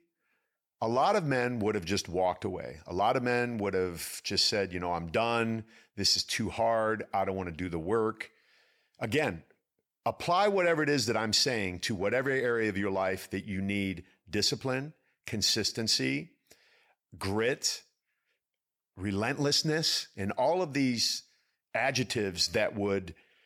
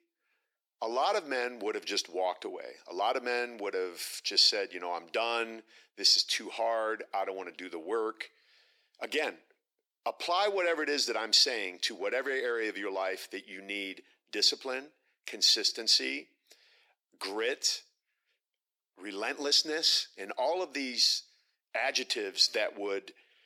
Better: first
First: none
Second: thin; somewhat; fading below 300 Hz

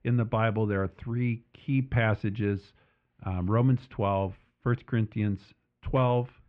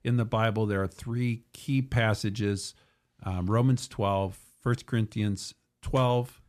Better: second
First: muffled; very; fading above 2.5 kHz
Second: none

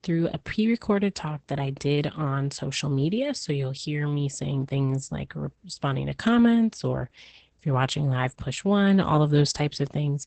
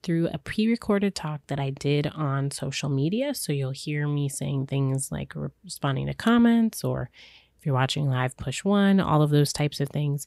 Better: second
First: garbled, watery; badly; nothing above 8 kHz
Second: none

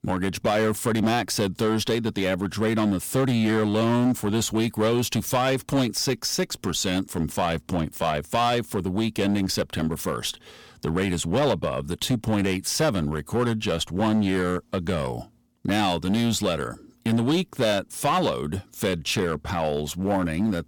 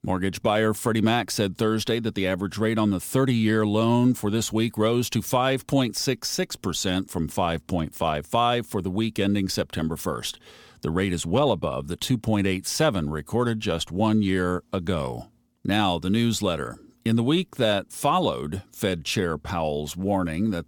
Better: second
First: distortion; slight; 8% of the sound clipped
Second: none

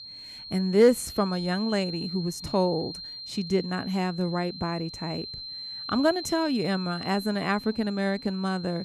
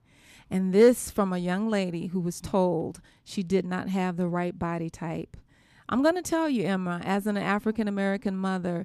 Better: second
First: high-pitched whine; loud; throughout; 4 kHz, 10 dB below the speech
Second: none

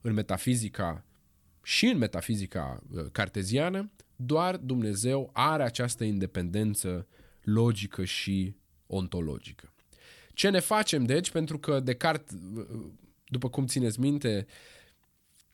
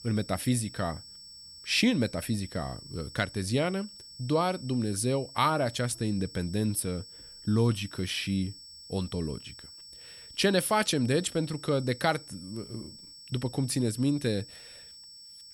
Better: first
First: none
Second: high-pitched whine; noticeable; throughout; 5.5 kHz, 15 dB below the speech

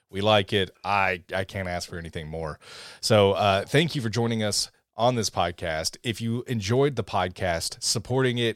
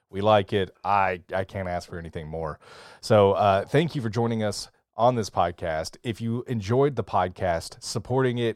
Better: first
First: none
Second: muffled; slightly; fading above 1 kHz

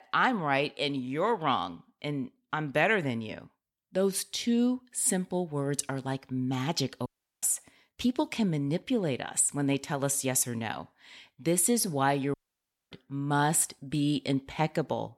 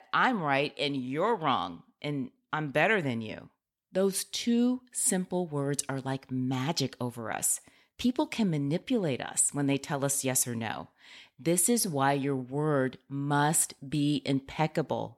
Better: second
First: audio cutting out; at 7 s and at 12 s for 0.5 s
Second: none

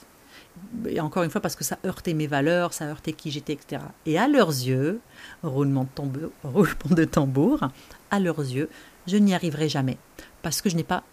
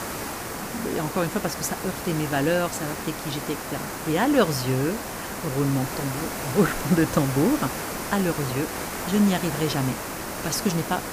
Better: first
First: hiss; faint; throughout; 30 dB below the speech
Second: hiss; loud; throughout; 5 dB below the speech

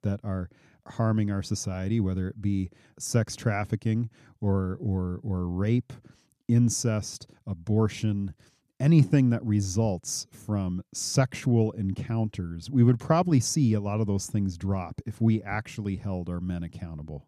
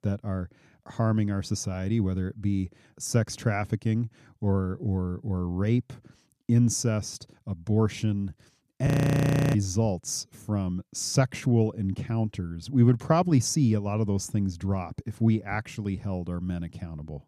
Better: first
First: none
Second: audio freezing; at 9 s for 0.5 s

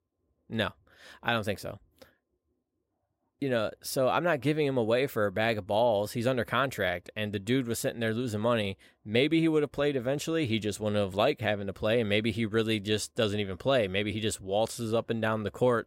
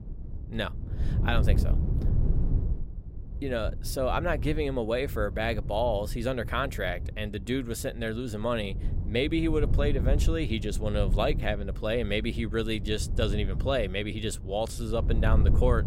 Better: first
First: none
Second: wind noise on the microphone; occasional gusts; 15 dB below the speech

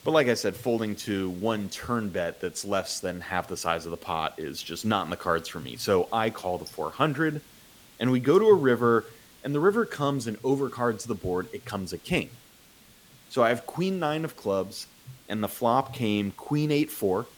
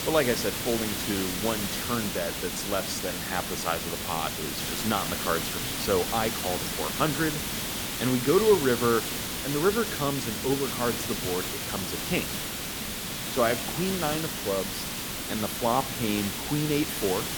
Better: first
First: hiss; faint; throughout; 25 dB below the speech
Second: hiss; loud; throughout; 1 dB below the speech

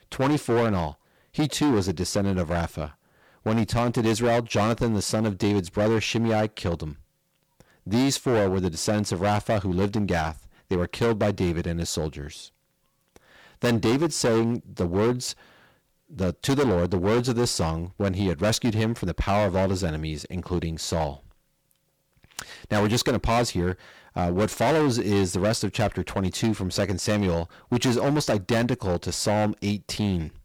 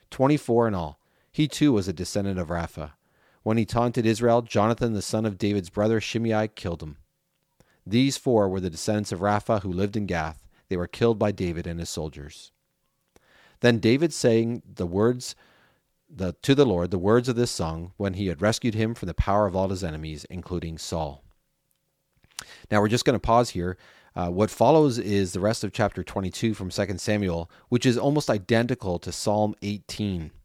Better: second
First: distortion; heavy; 13% of the sound clipped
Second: none

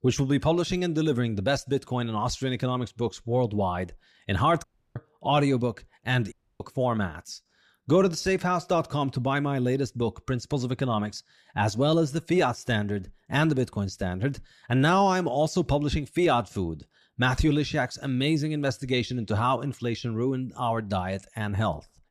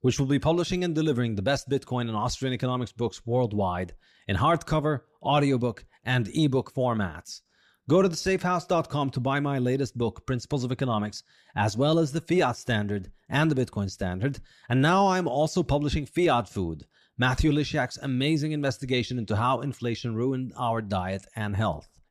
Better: second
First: audio cutting out; at 4.5 s and at 6.5 s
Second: none

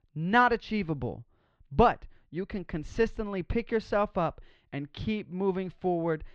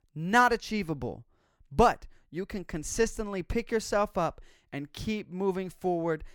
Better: second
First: muffled; slightly; fading above 3.5 kHz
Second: none

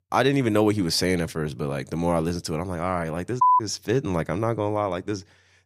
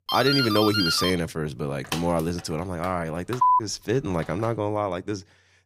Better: first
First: none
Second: doorbell; loud; until 4.5 s; peak 1 dB above the speech

